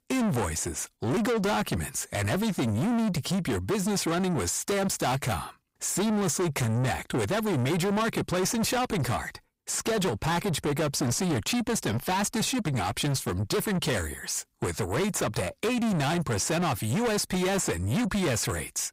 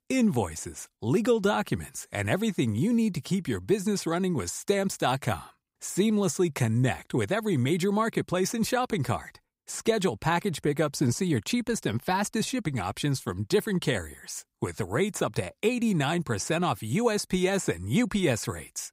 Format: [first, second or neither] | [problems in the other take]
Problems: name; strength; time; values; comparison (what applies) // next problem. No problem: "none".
second | distortion; heavy; 6 dB below the speech